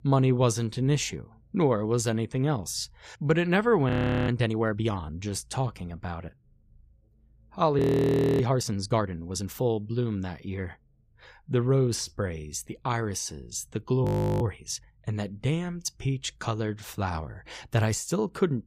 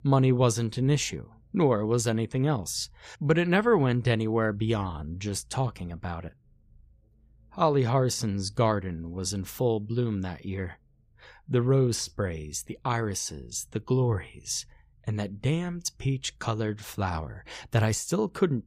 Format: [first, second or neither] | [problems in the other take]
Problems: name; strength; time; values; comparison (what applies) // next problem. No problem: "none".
second | audio freezing; at 4 s, at 8 s for 0.5 s and at 14 s